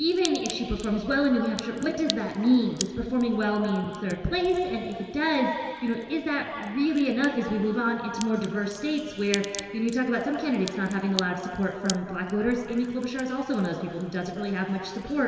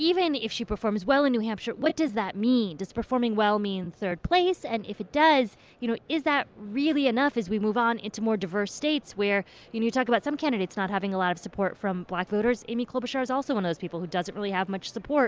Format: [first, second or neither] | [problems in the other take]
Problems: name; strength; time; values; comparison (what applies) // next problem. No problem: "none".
second | background sound (Crack); 16 dB below the speech // room echo; dies away in 2.5 s